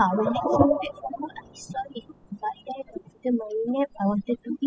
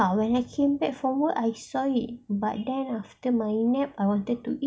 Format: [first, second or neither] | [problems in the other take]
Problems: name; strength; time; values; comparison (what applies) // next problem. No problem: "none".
second | noise reduction (classical method spectral subtraction)